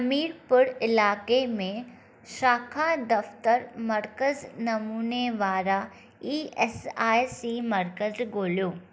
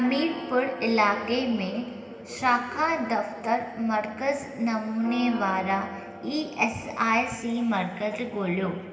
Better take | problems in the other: first | background sound (Church bell); 15 dB below the speech // room echo; dies away in 2 s

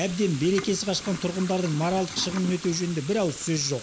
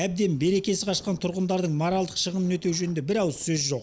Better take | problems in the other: second | background sound (Toilet flush / Water tap, faucet); 13 dB below the speech

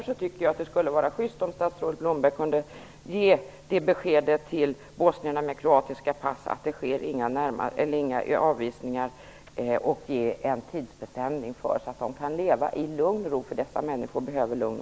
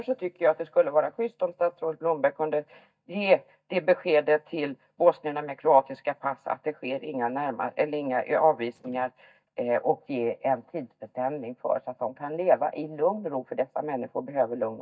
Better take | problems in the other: first | noise reduction (neural mask model DeepFilterNet 3)

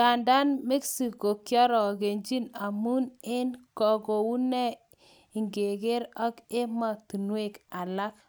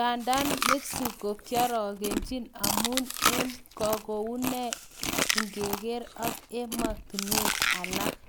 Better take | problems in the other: first | background sound (Chewing, mastication + Chewing, mastication); 1 dB above the speech

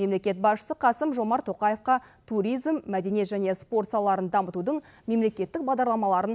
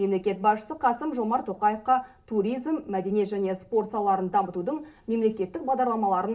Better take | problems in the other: first | room echo; dies away in 0.3 s

